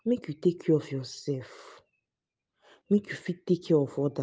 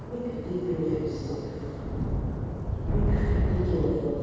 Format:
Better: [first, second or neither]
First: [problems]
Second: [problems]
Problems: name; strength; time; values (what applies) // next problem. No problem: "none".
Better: first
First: none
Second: background sound (Thunder / Rain); 3 dB above the speech // room echo; dies away in 2.2 s